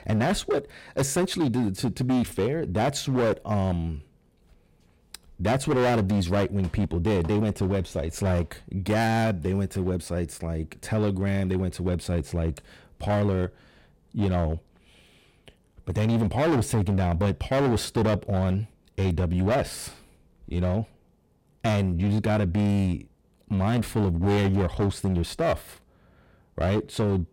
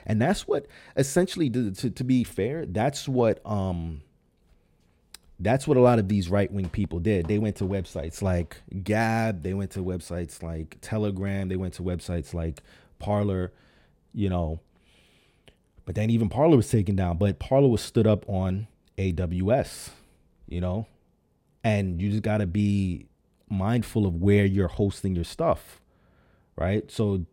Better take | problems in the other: second | distortion; heavy; 14% of the sound clipped

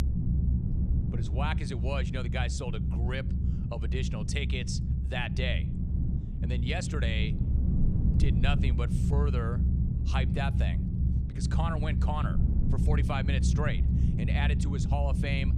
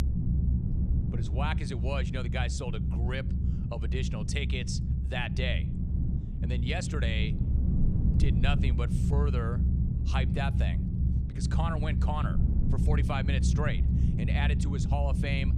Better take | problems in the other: neither | low rumble; loud; throughout; 6 dB below the speech; the same in both

